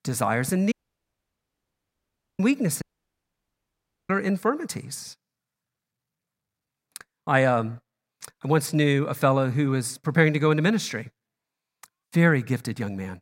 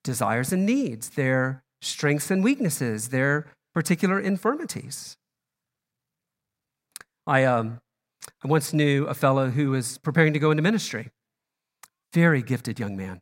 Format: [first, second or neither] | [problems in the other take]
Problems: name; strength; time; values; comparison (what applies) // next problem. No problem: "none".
second | audio cutting out; at 0.5 s for 1.5 s and at 3 s for 1.5 s